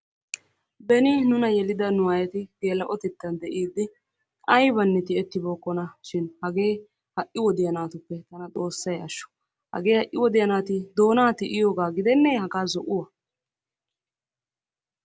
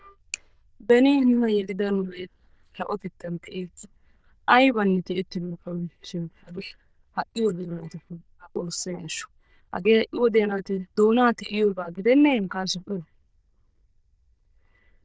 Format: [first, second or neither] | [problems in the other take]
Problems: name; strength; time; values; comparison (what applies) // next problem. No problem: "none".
first | noise reduction (neural diffusion model UNIVERSE++)